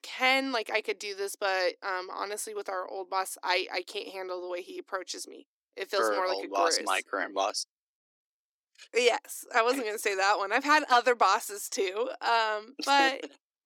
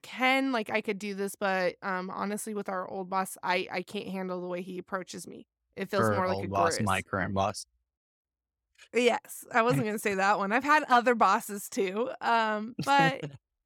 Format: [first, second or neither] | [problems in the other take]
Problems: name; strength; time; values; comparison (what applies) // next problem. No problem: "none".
second | thin; somewhat; fading below 300 Hz